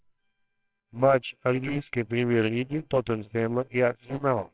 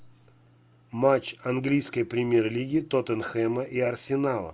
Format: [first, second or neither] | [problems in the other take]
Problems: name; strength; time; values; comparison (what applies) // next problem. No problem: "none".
second | noise reduction (neural separator model SepFormer WHAMR!)